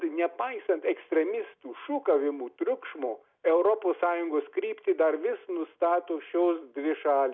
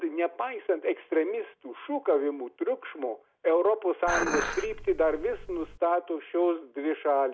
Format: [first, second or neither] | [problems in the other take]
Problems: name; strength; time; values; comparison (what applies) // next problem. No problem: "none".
first | background sound (Dishes, pots, and pans); 5 dB below the speech